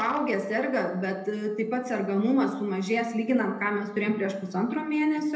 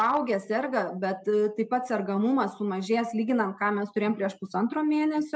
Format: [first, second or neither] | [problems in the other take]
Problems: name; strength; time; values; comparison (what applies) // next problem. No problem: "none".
second | room echo; dies away in 0.7 s